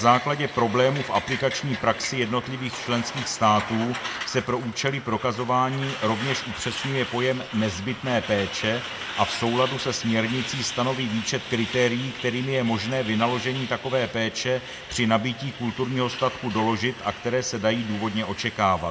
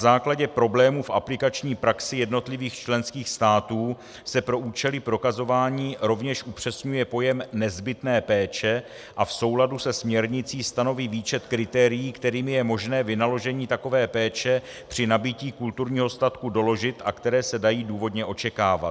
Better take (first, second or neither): second